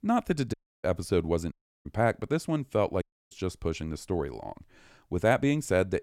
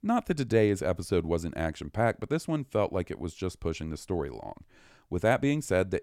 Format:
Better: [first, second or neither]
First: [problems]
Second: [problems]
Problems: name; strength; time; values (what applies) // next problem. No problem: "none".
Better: second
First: audio cutting out; at 0.5 s, at 1.5 s and at 3 s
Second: none